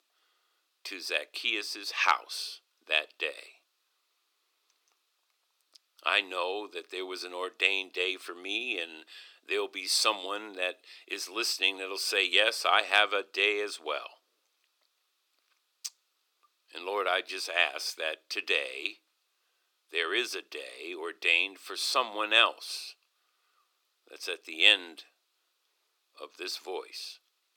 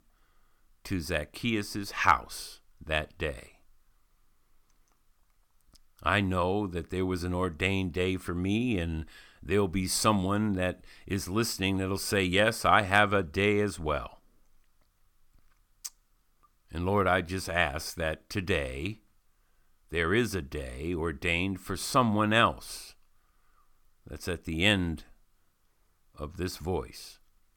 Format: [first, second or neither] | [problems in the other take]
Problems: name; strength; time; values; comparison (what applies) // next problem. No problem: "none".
second | thin; very; fading below 350 Hz